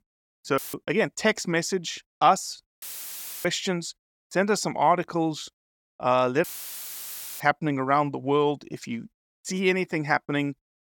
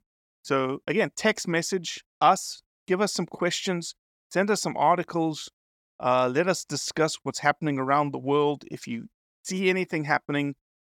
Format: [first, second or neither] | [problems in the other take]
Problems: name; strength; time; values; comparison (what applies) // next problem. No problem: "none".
second | audio cutting out; filled with static; at 0.5 s, at 3 s for 0.5 s and at 6.5 s for 1 s